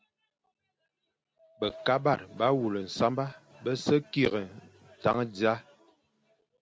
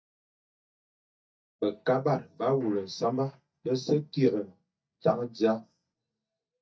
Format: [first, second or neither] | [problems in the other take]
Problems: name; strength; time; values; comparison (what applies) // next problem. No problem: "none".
first | noise reduction (neural mask model DeepFilterNet 3)